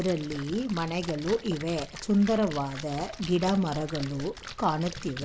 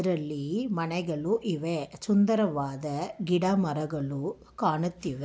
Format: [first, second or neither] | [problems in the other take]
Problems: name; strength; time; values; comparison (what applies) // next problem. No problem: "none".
second | background sound (Splash, splatter); 13 dB below the speech